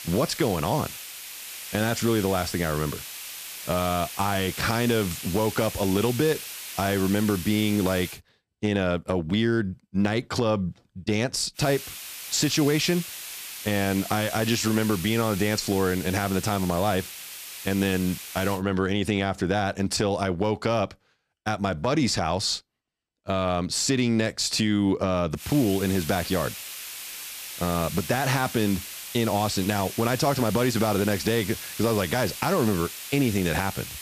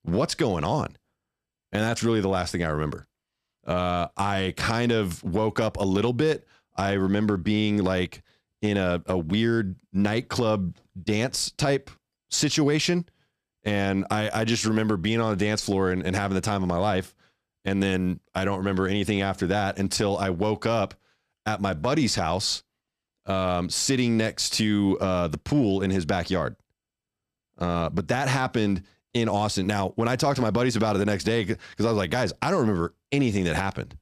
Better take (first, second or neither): second